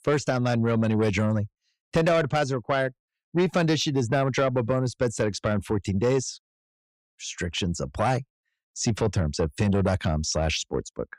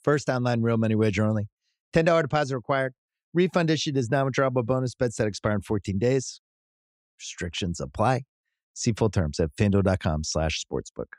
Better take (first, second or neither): second